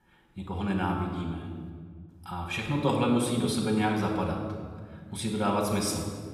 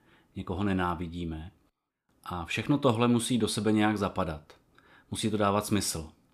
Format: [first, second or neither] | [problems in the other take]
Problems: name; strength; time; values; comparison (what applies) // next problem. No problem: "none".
second | room echo; noticeable; dies away in 1.5 s // off-mic speech; somewhat distant